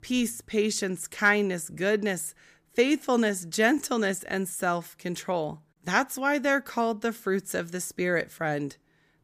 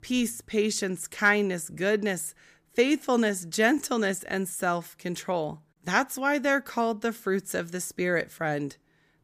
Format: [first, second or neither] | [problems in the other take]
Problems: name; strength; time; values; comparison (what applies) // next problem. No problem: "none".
neither | none